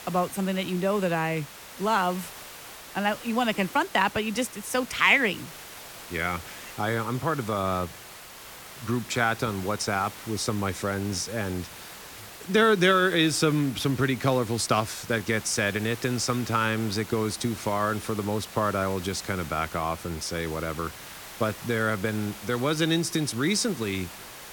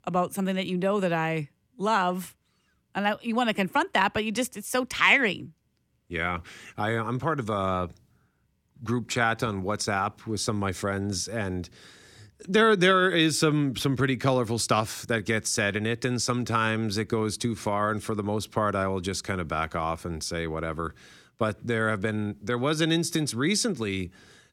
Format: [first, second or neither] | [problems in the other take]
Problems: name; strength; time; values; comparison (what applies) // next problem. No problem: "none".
second | hiss; noticeable; throughout; 15 dB below the speech